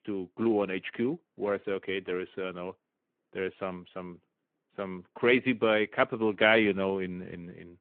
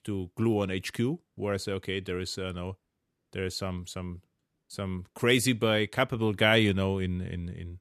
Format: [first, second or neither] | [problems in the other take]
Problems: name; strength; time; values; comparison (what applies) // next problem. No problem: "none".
second | phone-call audio